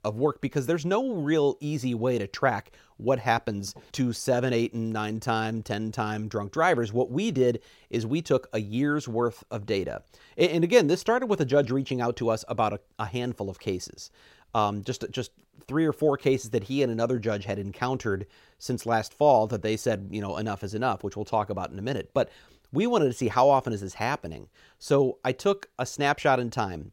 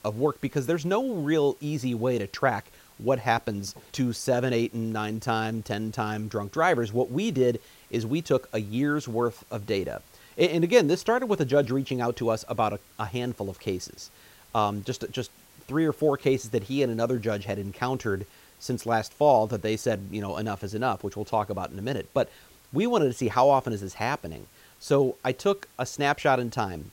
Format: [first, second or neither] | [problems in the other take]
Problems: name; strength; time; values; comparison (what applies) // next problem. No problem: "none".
first | hiss; faint; throughout; 25 dB below the speech